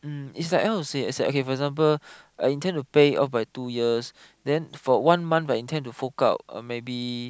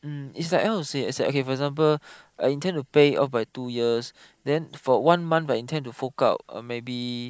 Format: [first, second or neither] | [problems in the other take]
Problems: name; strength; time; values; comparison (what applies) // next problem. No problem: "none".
first | noise reduction (neural mask model Resemble Enhance denoiser)